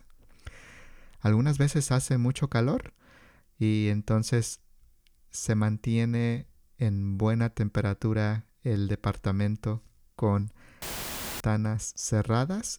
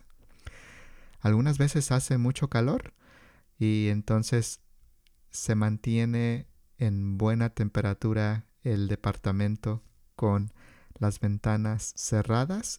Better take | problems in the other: second | audio cutting out; filled with static; at 11 s for 0.5 s

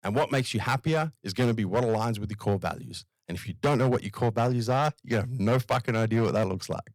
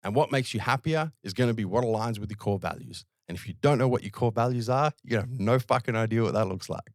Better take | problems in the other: second | distortion; slight; 7% of the sound clipped

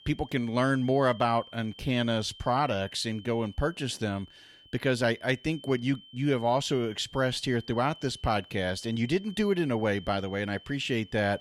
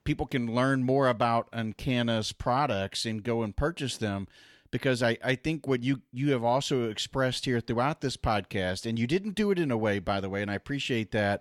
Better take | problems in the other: second | high-pitched whine; faint; throughout; 3 kHz, 20 dB below the speech

